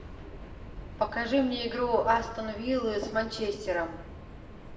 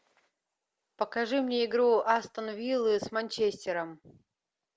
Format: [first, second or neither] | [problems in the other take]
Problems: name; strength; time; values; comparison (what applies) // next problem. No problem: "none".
second | background sound (Subway, metro, underground); 13 dB below the speech // room echo; dies away in 0.8 s